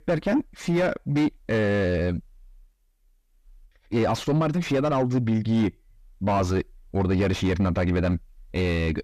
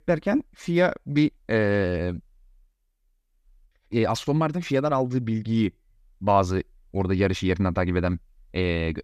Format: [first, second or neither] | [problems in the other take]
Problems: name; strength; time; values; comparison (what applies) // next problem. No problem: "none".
second | distortion; heavy; 7 dB below the speech